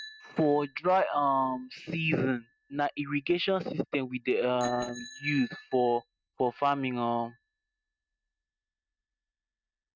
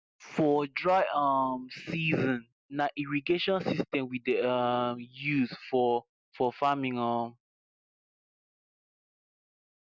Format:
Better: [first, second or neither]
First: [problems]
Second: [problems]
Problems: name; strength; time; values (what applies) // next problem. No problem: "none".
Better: second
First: noise reduction (neural mask model RNNoise)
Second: none